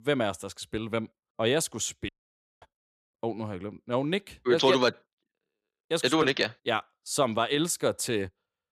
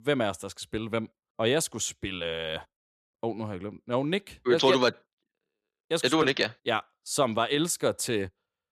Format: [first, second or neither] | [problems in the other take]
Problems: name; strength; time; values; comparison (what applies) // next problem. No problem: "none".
second | audio cutting out; at 2 s for 0.5 s